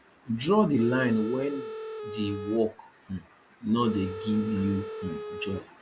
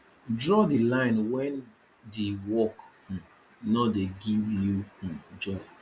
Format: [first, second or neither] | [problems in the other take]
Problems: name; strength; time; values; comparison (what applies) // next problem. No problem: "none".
second | background sound (Telephone); 9 dB below the speech